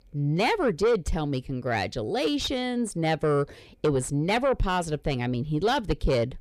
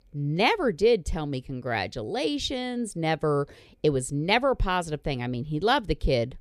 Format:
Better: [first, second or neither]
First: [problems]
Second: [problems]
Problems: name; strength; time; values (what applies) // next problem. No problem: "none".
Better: second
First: distortion; slight; 10 dB below the speech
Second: none